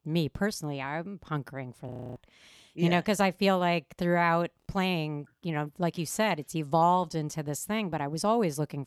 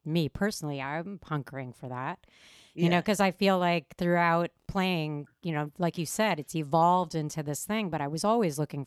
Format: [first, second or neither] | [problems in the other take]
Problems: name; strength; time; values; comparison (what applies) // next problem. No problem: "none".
second | audio freezing; at 2 s